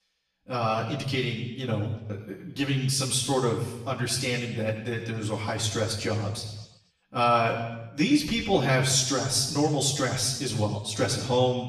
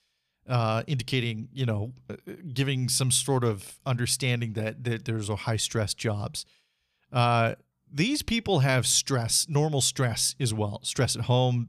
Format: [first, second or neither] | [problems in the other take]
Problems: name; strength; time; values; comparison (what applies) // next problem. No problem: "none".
second | room echo; noticeable; dies away in 1 s // off-mic speech; far